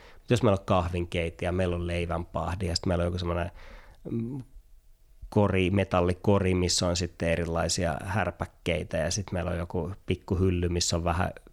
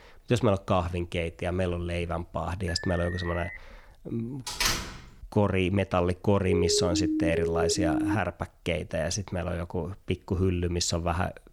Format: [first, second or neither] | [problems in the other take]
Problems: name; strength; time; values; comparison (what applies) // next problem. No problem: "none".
first | alarm; noticeable; at 2.5 s; peak 9 dB below the speech // door banging; loud; at 4.5 s; peak 2 dB above the speech // siren; loud; from 6.5 to 8 s; peak 1 dB above the speech